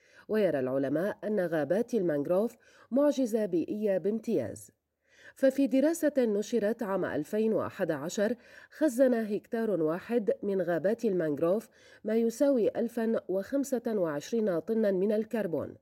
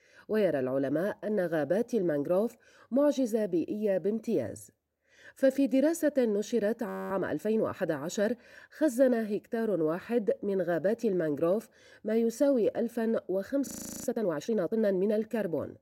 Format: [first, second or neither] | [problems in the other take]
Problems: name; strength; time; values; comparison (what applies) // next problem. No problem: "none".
first | audio freezing; at 7 s and at 14 s